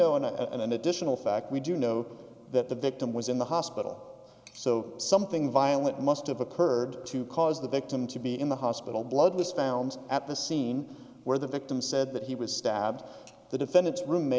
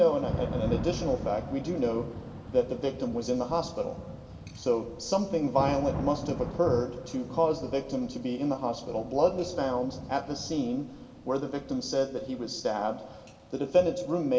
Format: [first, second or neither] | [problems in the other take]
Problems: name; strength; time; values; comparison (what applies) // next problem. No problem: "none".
first | background sound (Thunder / Rain); 10 dB below the speech // room echo; dies away in 1 s